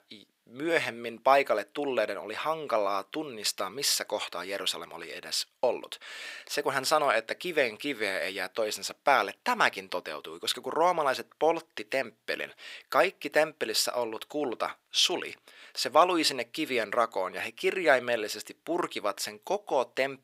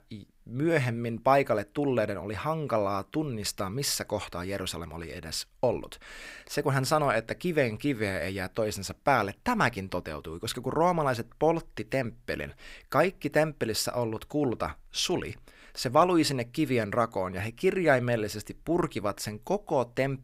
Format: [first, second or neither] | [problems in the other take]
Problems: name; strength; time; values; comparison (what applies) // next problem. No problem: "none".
second | thin; somewhat; fading below 450 Hz